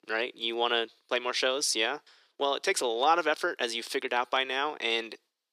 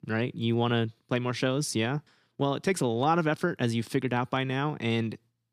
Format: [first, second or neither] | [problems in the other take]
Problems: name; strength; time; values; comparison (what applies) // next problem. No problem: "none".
second | thin; very; fading below 400 Hz